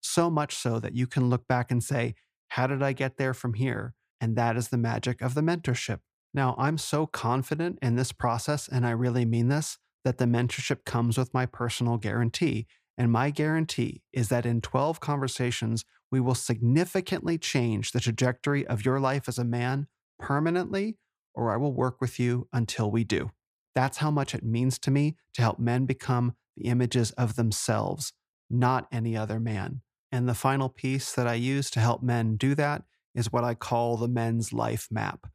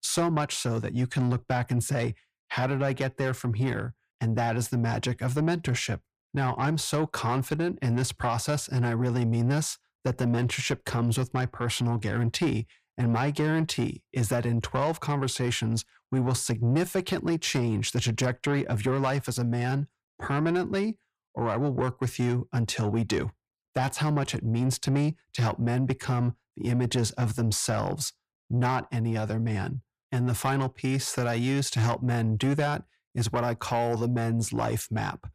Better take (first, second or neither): first